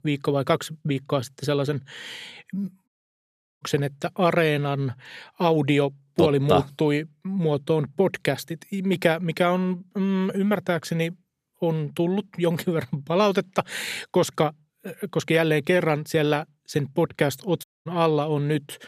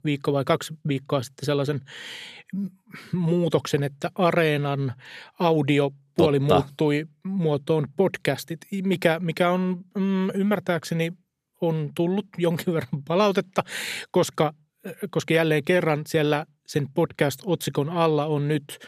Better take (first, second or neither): second